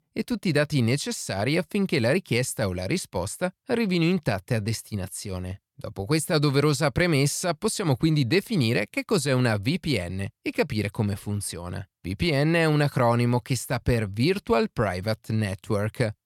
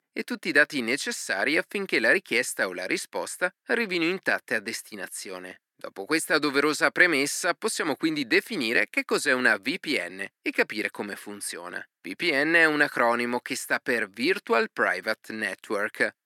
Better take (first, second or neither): first